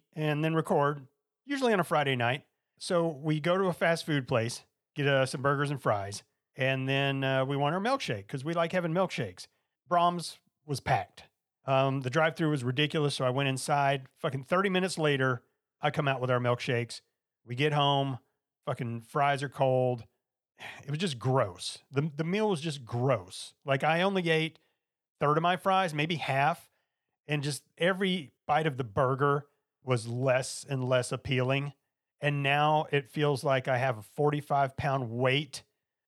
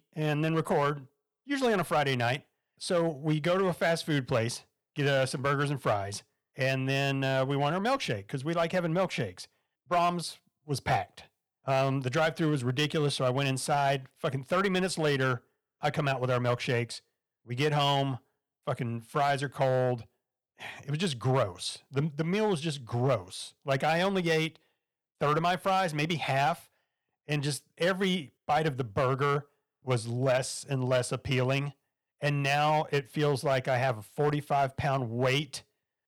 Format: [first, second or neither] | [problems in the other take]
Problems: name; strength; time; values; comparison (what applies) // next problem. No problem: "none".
first | distortion; slight; 4% of the sound clipped